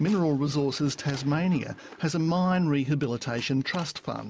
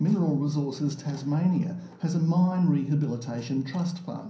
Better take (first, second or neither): first